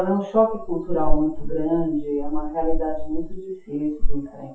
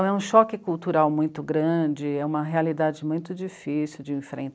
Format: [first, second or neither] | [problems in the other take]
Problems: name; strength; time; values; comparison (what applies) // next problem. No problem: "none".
second | noise reduction (classical method WPE with log-MMSE)